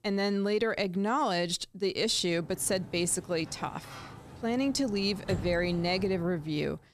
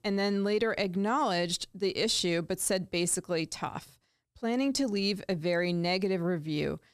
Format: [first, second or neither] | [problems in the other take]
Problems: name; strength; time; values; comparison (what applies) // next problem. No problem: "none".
second | door banging; noticeable; from 2.5 s on; peak 7 dB below the speech